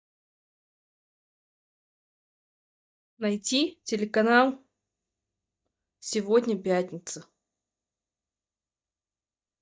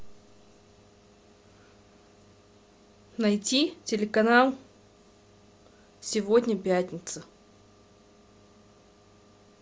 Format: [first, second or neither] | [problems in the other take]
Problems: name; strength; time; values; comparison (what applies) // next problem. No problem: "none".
second | noise reduction (neural mask model DeepFilterNet 3)